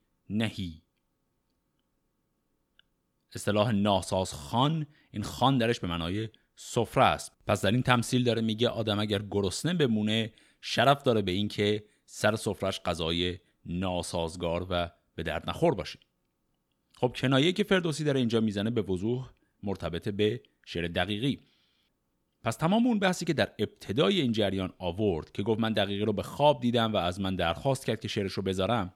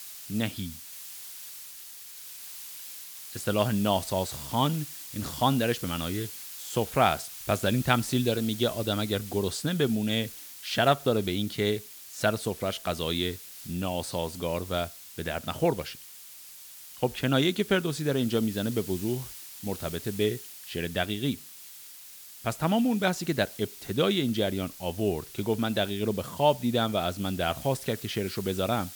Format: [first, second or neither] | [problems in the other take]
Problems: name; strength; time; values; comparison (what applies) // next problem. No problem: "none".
first | hiss; noticeable; throughout; 10 dB below the speech